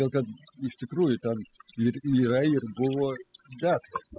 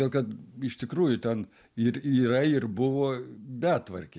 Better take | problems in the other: second | noise reduction (classical method spectral subtraction)

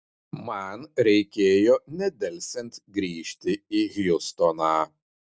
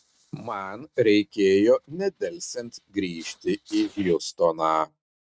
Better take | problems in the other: first | noise reduction (neural mask model RNNoise)

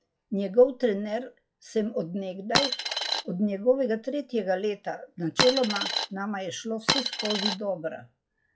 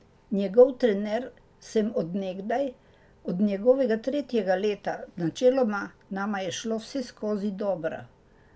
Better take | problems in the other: second | noise reduction (classical method log-MMSE)

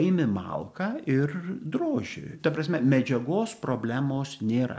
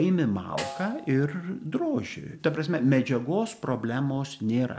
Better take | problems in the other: first | background sound (Snare drum); 16 dB below the speech

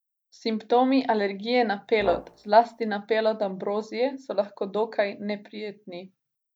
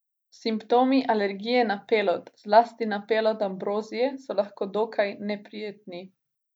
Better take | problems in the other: second | background sound (Brass instrument); 11 dB below the speech

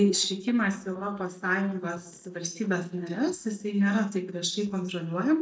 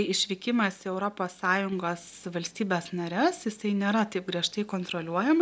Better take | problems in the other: second | noise reduction (neural mask model DeepFilterNet 3)

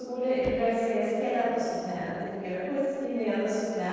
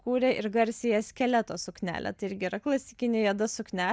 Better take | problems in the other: second | noise reduction (neural separator model SepFormer DNS4)

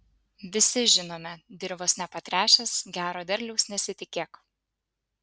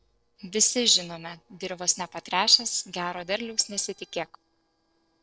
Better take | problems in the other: first | noise reduction (neural separator model SepFormer DNS4)

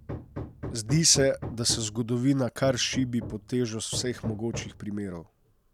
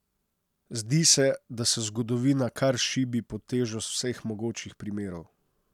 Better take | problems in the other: second | background sound (Hammer); 12 dB below the speech

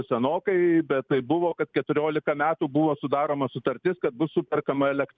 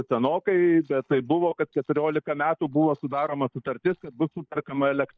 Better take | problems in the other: first | noise reduction (neural mask model DeepFilterNet 3)

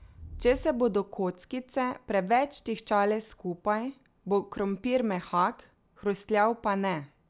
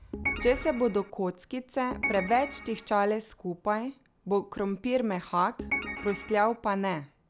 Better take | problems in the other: first | background sound (Organ); 6 dB below the speech

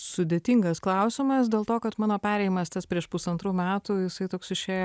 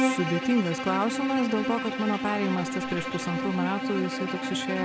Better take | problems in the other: first | background sound (Bowed string instrument); 2 dB below the speech

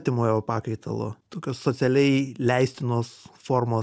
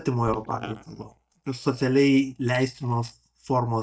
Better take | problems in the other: first | noise reduction (neural mask model DeepFilterNet 3)

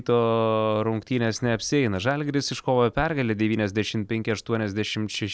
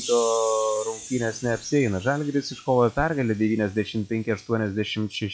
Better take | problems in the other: first | noise reduction (classical method log-MMSE)

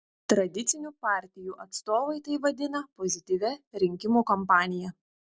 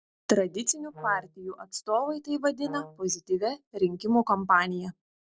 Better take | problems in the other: first | noise reduction (neural separator model SepFormer DNS4)

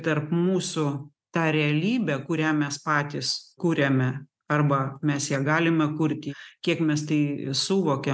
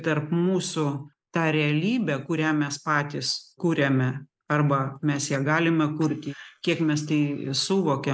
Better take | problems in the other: first | noise reduction (neural mask model Resemble Enhance denoiser)

